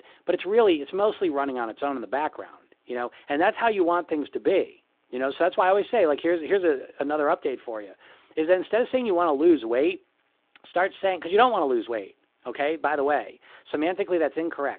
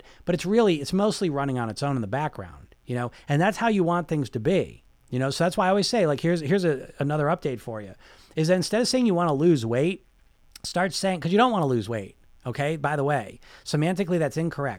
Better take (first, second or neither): second